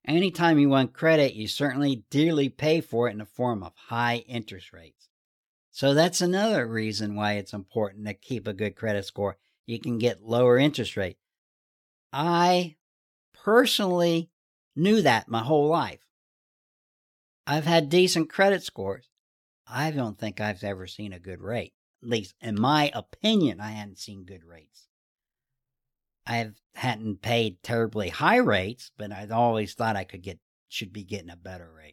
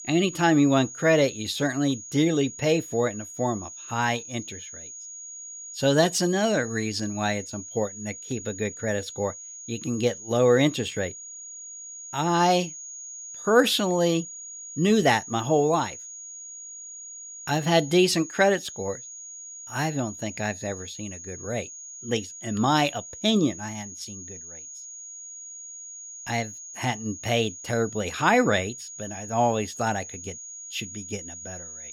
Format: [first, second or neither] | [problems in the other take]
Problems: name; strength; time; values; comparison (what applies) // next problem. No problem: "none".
first | high-pitched whine; noticeable; throughout; 6.5 kHz, 15 dB below the speech